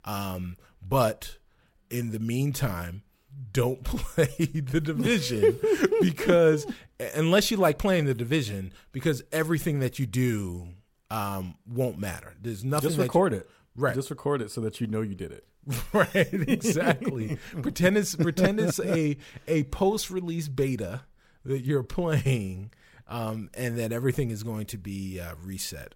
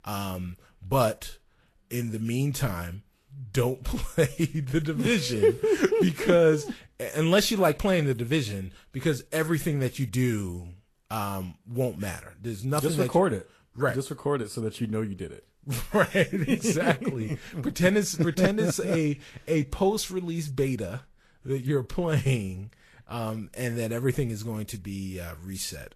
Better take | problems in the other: first | garbled, watery; slightly; nothing above 13 kHz

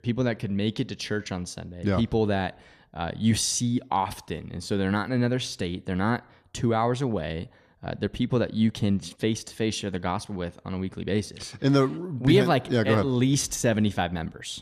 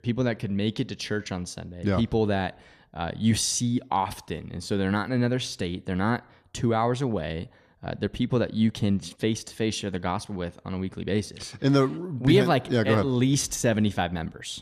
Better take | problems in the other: neither | none

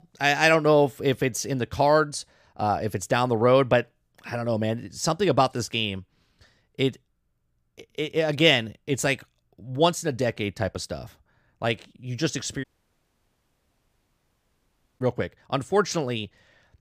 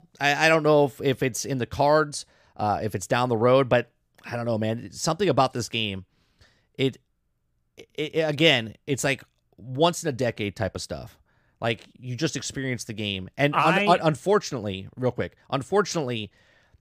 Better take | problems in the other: second | audio cutting out; at 13 s for 2.5 s

